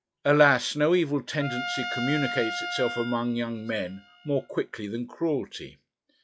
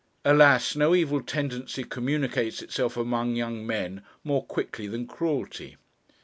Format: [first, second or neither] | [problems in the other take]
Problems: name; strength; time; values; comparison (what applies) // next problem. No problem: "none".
second | noise reduction (classical method log-MMSE)